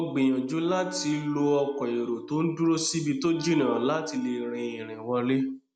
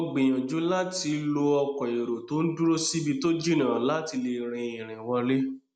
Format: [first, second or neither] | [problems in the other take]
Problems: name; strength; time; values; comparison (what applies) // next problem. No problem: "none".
second | background sound (Wind instrument, woodwind instrument); 16 dB below the speech